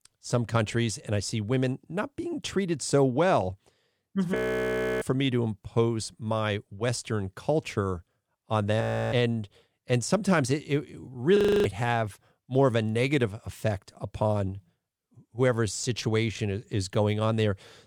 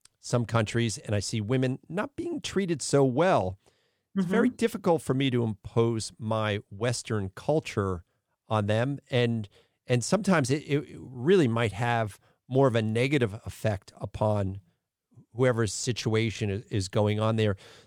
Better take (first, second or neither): second